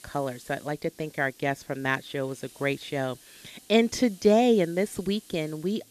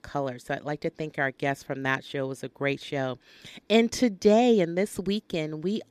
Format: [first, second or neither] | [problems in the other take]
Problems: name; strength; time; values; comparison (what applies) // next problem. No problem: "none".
second | hiss; faint; throughout; 25 dB below the speech